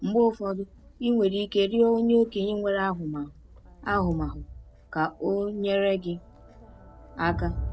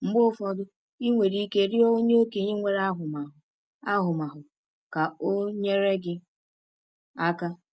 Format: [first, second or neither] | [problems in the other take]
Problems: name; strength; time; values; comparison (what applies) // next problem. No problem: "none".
second | background sound (Crowd); 13 dB below the speech